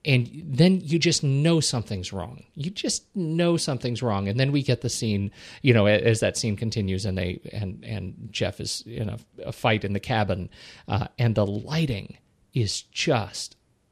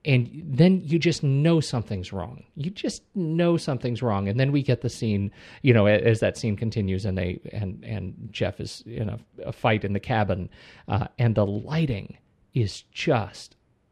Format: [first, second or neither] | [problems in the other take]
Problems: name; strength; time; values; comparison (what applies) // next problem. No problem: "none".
first | muffled; slightly; fading above 3.5 kHz